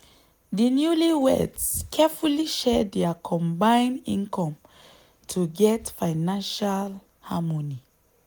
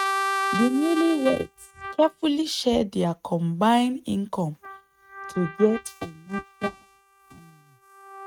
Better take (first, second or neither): first